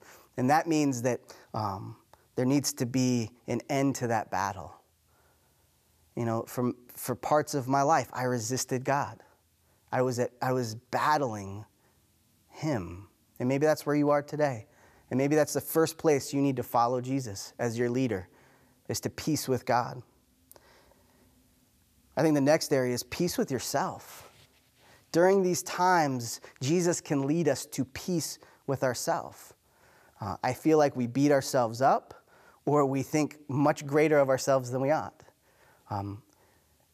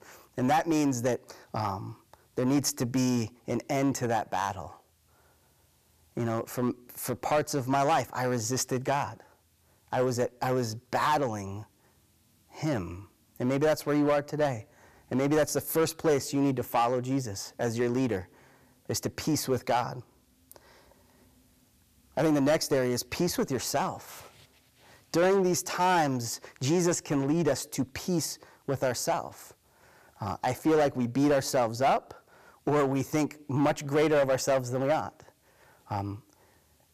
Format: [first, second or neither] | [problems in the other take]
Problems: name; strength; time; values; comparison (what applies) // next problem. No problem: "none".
first | distortion; slight; 5% of the sound clipped